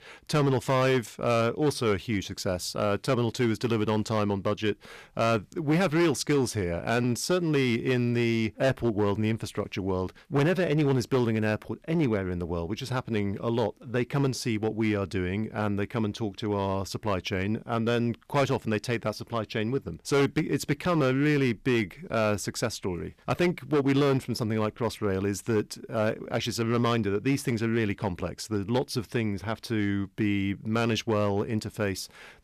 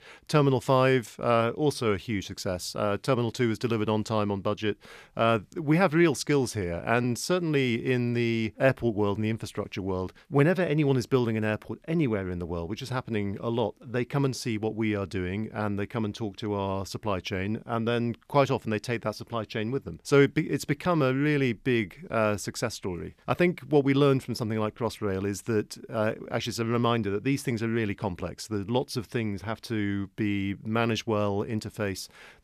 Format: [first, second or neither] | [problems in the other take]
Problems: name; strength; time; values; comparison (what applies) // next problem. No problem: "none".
second | distortion; slight; 6% of the sound clipped